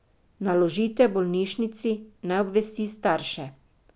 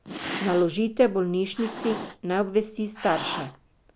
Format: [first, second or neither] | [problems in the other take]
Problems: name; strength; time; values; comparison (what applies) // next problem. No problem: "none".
first | background sound (Cat); 11 dB below the speech